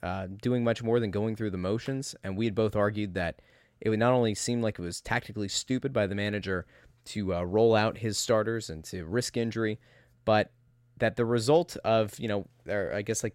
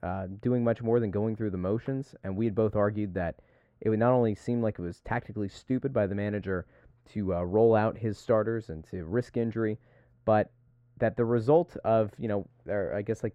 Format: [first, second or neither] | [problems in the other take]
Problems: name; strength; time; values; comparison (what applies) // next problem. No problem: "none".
first | muffled; very; fading above 2.5 kHz